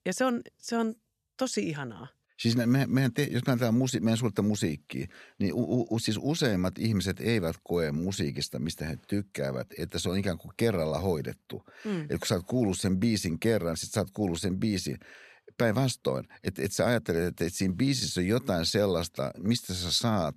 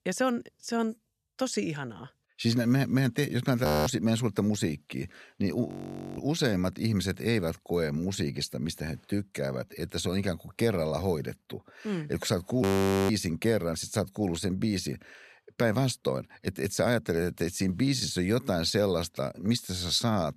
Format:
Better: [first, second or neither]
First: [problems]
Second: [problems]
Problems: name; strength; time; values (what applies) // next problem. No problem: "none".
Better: first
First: none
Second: audio freezing; at 3.5 s, at 5.5 s and at 13 s